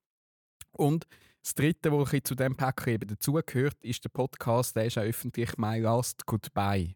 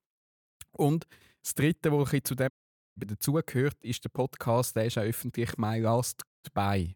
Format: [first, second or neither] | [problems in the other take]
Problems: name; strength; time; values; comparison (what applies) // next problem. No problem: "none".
first | audio cutting out; at 2.5 s and at 6.5 s